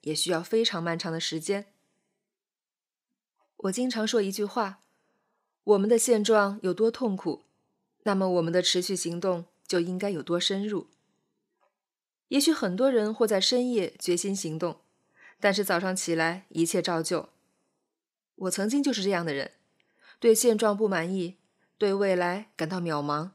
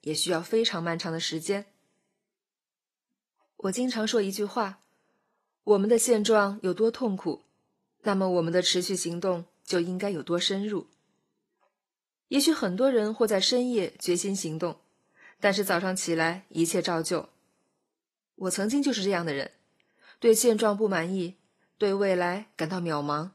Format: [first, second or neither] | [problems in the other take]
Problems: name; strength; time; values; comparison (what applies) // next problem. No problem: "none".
first | garbled, watery; slightly